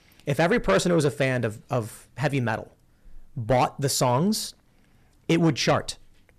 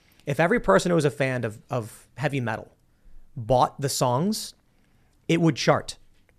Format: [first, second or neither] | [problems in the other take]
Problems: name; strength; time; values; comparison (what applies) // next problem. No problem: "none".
second | distortion; slight; 10 dB below the speech